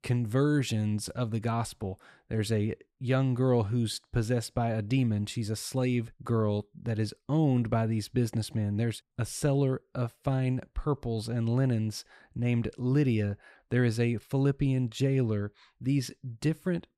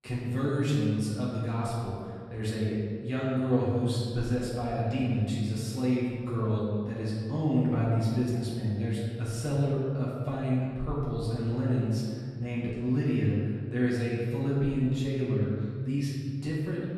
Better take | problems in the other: first | room echo; strong; dies away in 1.7 s // off-mic speech; far

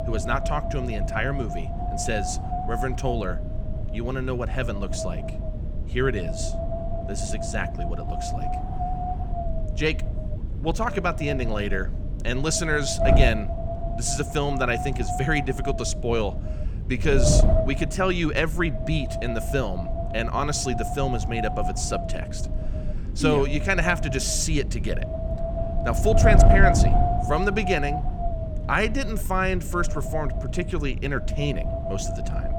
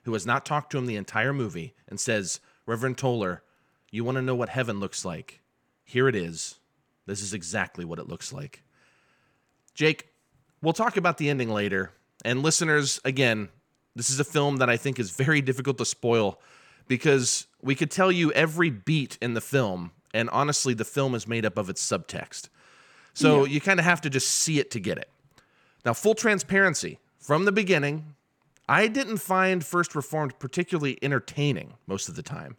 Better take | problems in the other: second | wind noise on the microphone; heavy; 3 dB below the speech

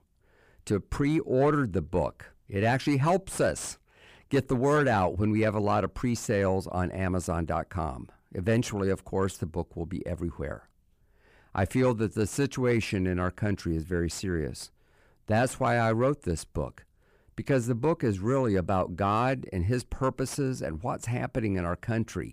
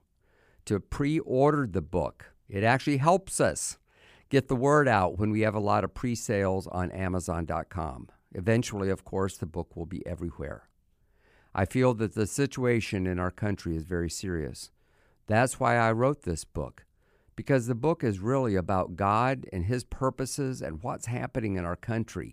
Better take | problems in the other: second | distortion; slight; 10 dB below the speech

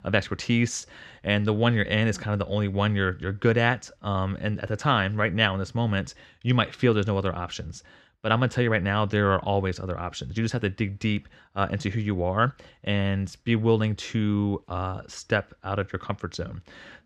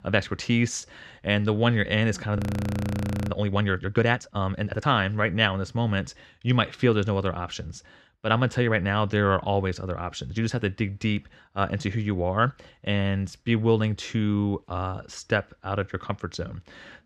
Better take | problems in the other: first | audio freezing; at 2.5 s for 1 s

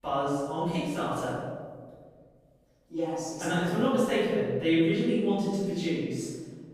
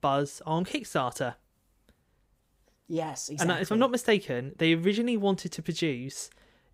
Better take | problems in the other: second | room echo; strong; dies away in 1.6 s // off-mic speech; far

